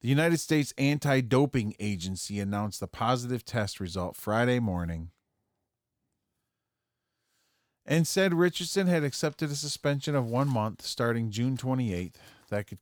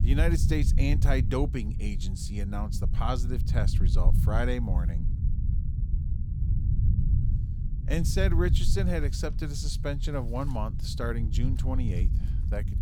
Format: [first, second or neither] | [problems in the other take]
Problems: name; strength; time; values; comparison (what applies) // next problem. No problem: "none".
first | low rumble; loud; throughout; 9 dB below the speech